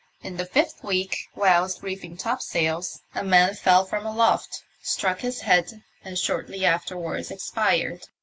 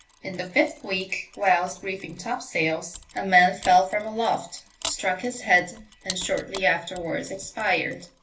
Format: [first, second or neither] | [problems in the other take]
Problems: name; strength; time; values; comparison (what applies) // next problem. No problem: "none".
first | background sound (Mechanisms); 18 dB below the speech // room echo; dies away in 0.3 s